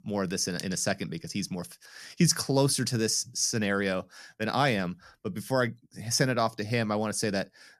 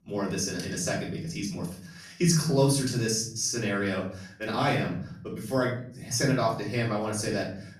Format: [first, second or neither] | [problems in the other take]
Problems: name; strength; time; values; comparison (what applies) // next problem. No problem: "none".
first | off-mic speech; far // room echo; slight; dies away in 0.7 s